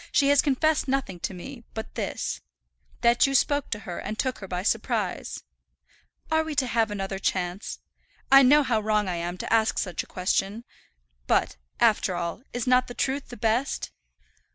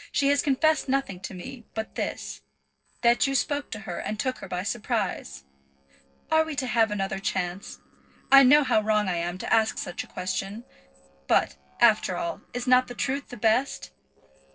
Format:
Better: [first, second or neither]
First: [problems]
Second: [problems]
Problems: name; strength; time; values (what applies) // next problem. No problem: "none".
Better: first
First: none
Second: noise reduction (neural separator model SepFormer DNS4)